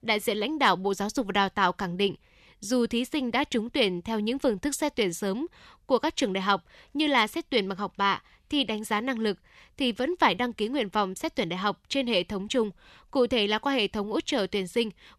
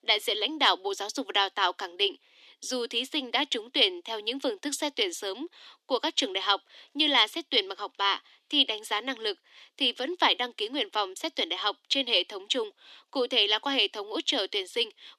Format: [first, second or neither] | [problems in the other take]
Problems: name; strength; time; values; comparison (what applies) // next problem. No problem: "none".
first | thin; very slightly; fading below 250 Hz